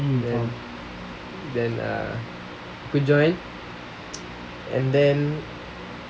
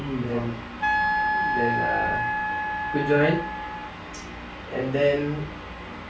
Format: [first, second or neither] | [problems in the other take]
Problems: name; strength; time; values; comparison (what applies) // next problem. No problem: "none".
first | background sound (Wind instrument, woodwind instrument); 1 dB above the speech // room echo; dies away in 0.3 s